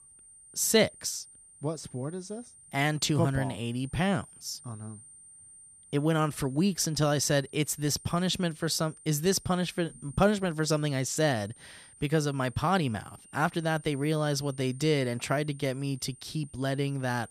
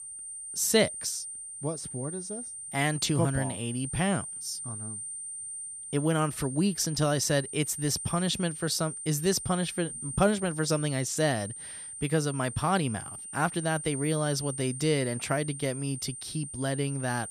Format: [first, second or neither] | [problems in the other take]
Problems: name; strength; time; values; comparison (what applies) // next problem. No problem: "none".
first | high-pitched whine; loud; throughout; 9 kHz, 8 dB below the speech; faint in the first